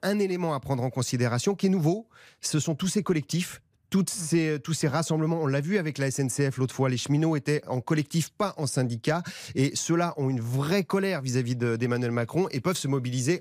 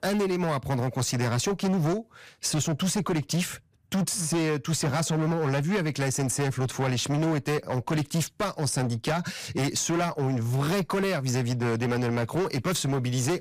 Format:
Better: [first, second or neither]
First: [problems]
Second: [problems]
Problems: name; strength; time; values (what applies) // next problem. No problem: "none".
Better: first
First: none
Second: distortion; heavy; 23% of the sound clipped